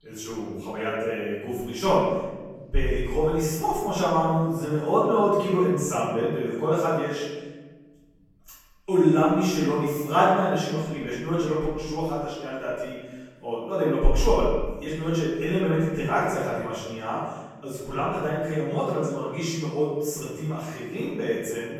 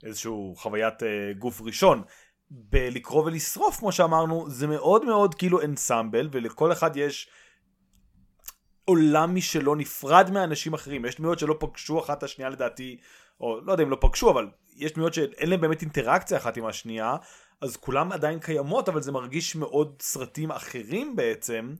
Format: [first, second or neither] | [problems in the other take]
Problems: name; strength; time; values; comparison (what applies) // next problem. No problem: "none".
second | room echo; strong; dies away in 1.3 s // off-mic speech; far